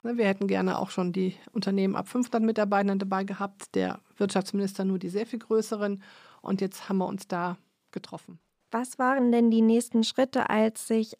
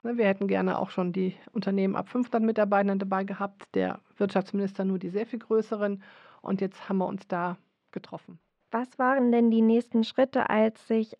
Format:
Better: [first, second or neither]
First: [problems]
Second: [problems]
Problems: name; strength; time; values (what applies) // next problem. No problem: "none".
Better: first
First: none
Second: muffled; slightly; fading above 2.5 kHz